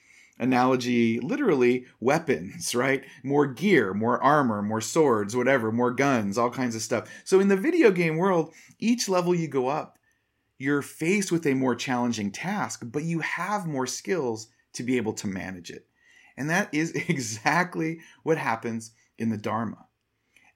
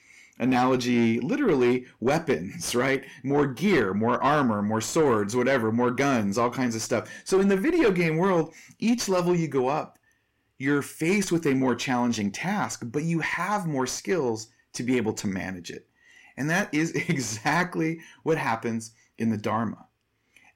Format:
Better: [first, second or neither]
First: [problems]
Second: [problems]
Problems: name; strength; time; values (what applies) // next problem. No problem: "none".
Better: first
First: none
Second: distortion; slight; 10 dB below the speech